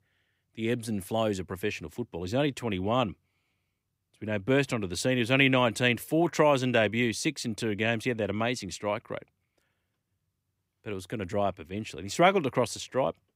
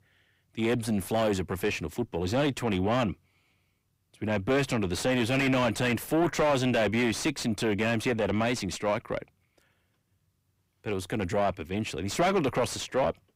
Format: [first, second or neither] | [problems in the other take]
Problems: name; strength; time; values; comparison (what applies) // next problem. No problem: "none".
first | distortion; heavy; 5 dB below the speech